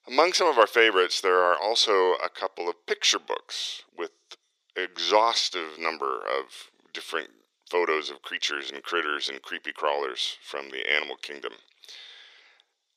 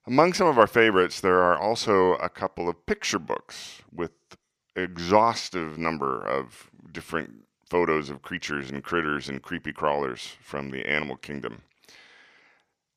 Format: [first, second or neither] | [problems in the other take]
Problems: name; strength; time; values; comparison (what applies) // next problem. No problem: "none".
second | thin; somewhat; fading below 400 Hz